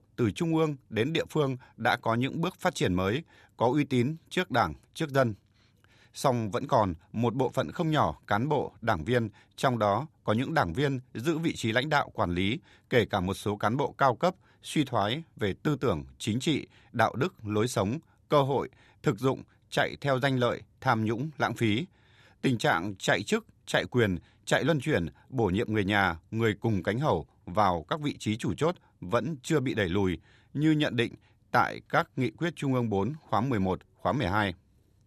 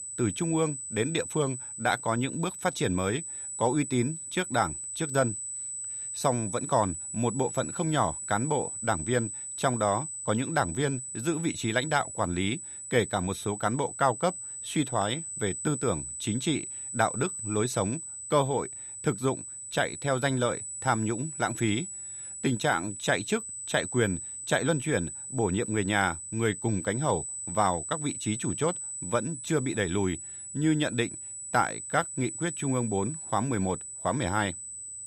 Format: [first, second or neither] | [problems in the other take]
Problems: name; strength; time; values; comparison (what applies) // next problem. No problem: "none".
first | high-pitched whine; loud; throughout; 8 kHz, 6 dB below the speech